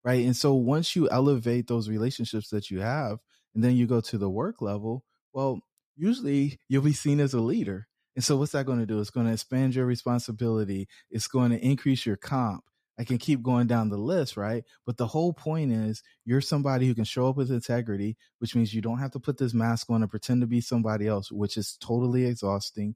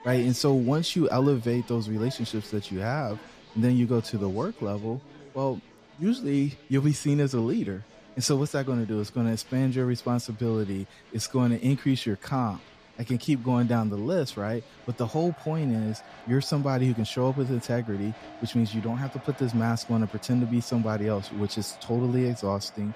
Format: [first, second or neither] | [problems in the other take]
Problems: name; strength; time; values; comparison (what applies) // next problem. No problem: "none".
first | crowd noise; faint; throughout; 20 dB below the speech